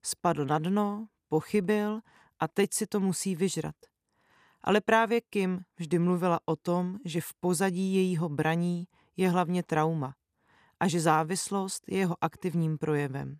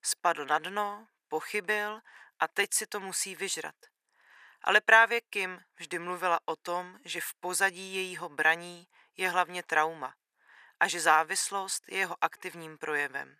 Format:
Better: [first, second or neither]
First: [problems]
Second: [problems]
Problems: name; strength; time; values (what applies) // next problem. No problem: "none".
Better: first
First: none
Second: thin; very; fading below 700 Hz